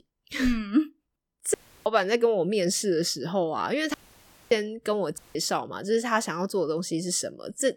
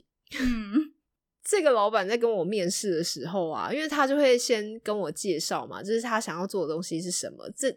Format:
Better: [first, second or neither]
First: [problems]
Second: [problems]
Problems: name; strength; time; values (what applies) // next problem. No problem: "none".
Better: second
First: audio cutting out; at 1.5 s, at 4 s for 0.5 s and at 5 s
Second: none